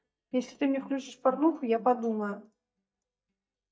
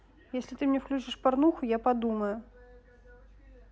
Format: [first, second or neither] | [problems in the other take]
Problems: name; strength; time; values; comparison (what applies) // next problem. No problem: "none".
second | noise reduction (neural mask model DeepFilterNet 3)